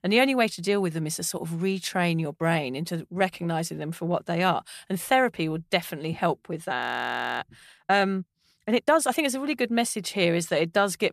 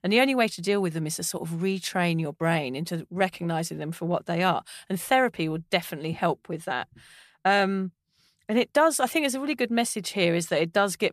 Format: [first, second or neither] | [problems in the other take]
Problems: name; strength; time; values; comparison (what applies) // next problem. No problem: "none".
second | audio freezing; at 7 s for 0.5 s